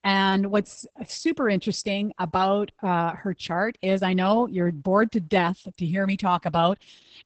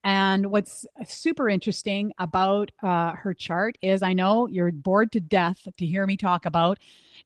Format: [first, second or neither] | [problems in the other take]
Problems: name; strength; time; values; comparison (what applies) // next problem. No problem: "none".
second | garbled, watery; badly; nothing above 8 kHz; slightly in the second